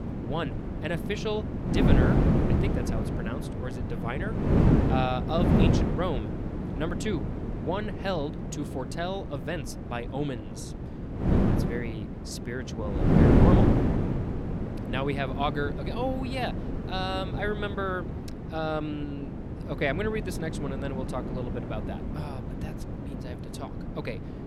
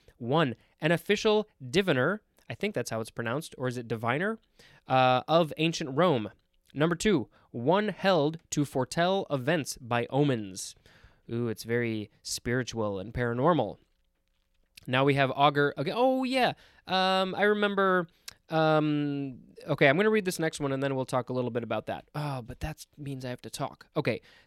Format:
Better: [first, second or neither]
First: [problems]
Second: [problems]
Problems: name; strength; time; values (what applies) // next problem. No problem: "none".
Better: second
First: wind noise on the microphone; heavy; 1 dB below the speech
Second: none